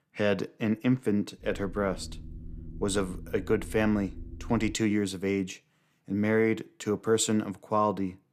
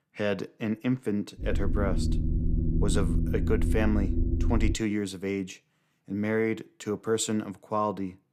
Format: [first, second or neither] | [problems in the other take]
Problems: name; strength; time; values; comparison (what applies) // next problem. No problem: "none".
first | low rumble; loud; from 1.5 to 4.5 s; 7 dB below the speech; faint in the first